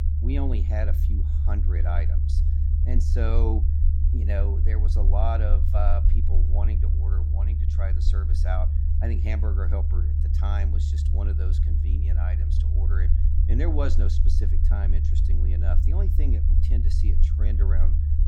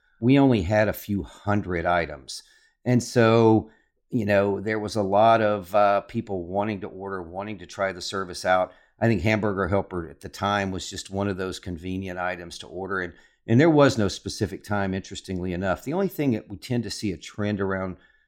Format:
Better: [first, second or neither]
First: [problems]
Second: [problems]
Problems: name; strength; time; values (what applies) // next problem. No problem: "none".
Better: second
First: low rumble; loud; throughout; 4 dB below the speech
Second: none